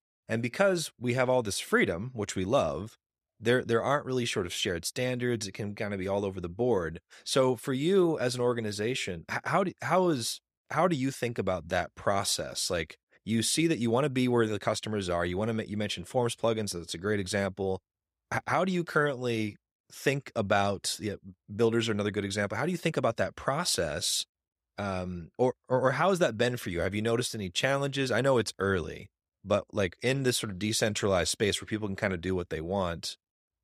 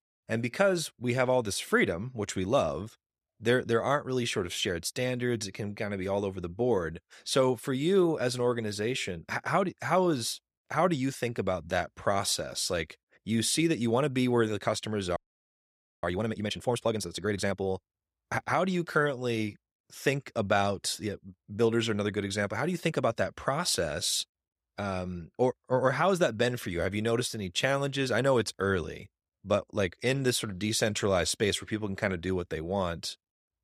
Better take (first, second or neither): first